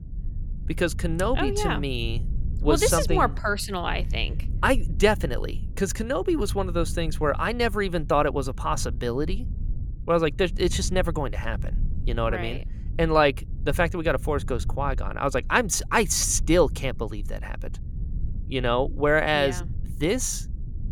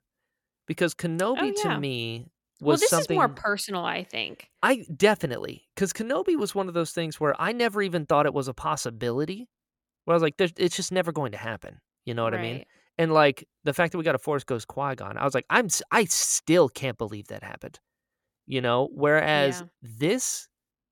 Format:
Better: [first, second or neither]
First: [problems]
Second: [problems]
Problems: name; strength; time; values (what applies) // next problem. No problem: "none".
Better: second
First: low rumble; faint; throughout; 25 dB below the speech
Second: none